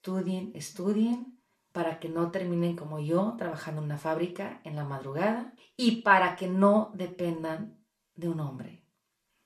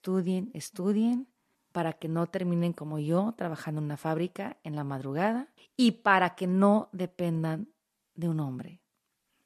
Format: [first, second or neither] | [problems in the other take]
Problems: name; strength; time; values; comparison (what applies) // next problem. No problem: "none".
second | room echo; very slight; dies away in 0.3 s // off-mic speech; somewhat distant